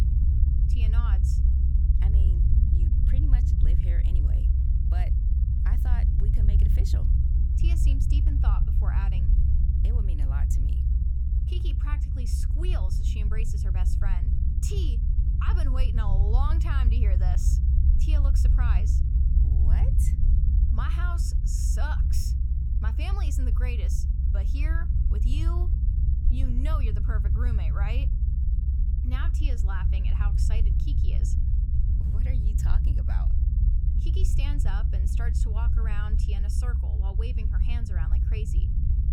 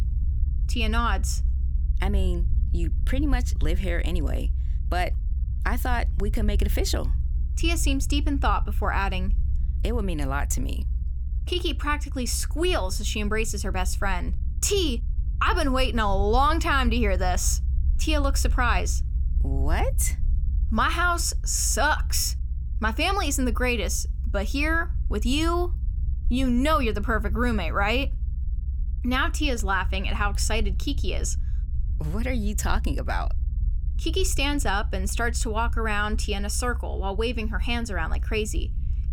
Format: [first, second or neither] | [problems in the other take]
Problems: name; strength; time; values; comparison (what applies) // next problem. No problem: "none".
second | low rumble; loud; throughout; 2 dB below the speech; faint in the second